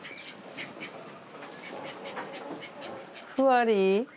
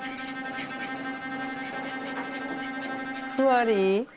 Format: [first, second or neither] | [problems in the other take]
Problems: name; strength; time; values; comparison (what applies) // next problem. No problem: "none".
first | background sound (Bowed string instrument); 5 dB below the speech